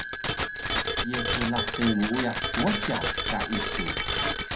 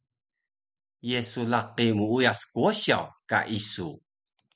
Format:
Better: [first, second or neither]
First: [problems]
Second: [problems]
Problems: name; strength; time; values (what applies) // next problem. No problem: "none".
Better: second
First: background sound (Bicycle bell); 2 dB above the speech // room echo; dies away in 0.2 s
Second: none